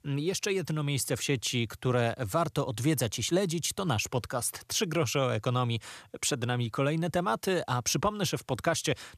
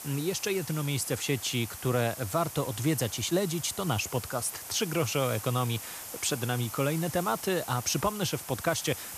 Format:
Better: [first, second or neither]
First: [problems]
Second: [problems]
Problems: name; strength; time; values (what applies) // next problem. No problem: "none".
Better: first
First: none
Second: hiss; loud; throughout; 9 dB below the speech